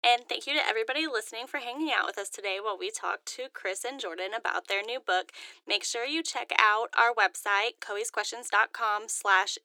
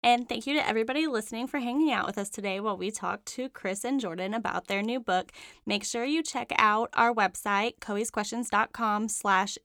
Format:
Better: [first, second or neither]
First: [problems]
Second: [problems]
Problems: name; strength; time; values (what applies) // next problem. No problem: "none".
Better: second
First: thin; very; fading below 350 Hz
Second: none